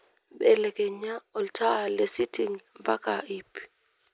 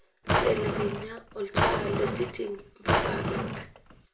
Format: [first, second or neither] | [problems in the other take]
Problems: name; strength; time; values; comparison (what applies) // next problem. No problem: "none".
first | background sound (Drawer open or close); 4 dB above the speech // room echo; dies away in 0.3 s